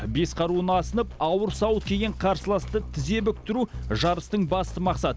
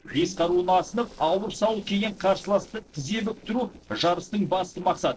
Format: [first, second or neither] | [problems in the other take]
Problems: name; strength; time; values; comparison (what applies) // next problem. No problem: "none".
first | noise reduction (neural separator model SepFormer DNS4)